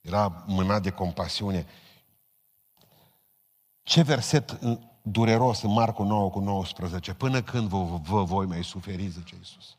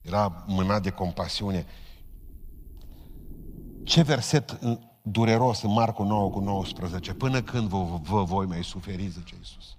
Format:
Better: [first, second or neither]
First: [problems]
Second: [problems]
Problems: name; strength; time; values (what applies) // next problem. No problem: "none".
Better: first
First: none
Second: low rumble; faint; until 4 s and from 6 s on; 20 dB below the speech